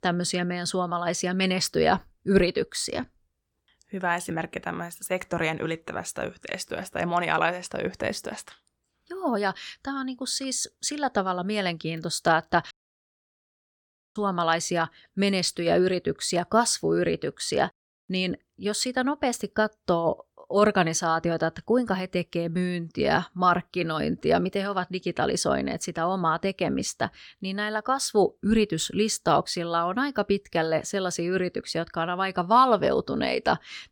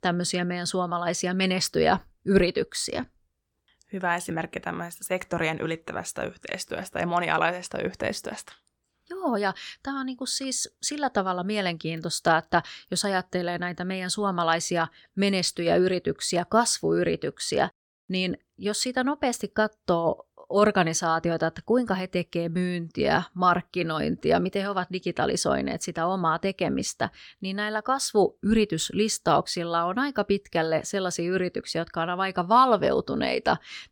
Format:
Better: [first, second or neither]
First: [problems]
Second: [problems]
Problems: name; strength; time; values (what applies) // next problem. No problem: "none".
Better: second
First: audio cutting out; at 13 s for 1.5 s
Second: none